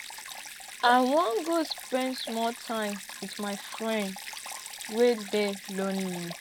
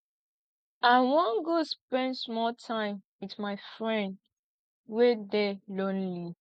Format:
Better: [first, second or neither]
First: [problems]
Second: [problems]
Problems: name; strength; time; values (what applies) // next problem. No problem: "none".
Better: second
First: background sound (Stream); 12 dB below the speech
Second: none